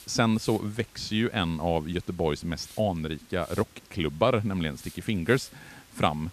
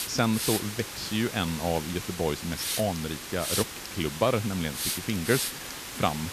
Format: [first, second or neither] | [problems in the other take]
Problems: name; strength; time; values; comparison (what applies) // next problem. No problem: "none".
first | hiss; loud; throughout; 3 dB below the speech; faint in the first